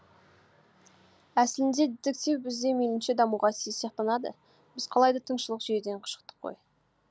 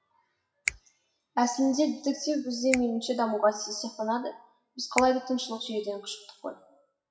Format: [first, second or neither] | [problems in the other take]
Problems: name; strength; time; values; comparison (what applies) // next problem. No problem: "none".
first | noise reduction (classical method WPE with log-MMSE)